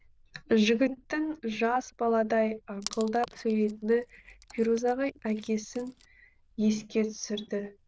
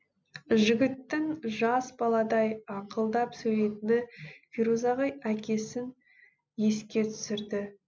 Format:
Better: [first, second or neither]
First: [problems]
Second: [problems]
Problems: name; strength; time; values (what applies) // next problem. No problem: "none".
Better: second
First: noise reduction (neural diffusion model UNIVERSE++)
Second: none